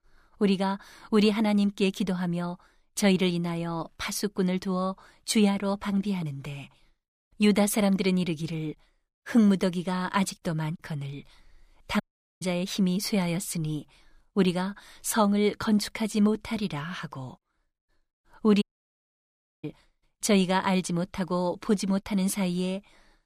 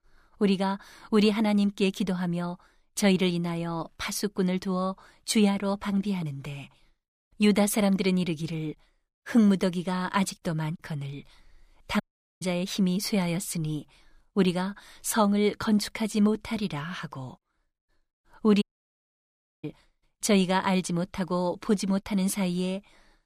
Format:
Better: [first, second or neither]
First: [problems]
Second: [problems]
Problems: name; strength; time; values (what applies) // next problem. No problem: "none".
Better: neither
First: audio cutting out; at 12 s and at 19 s for 1 s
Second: audio cutting out; at 12 s and at 19 s for 1 s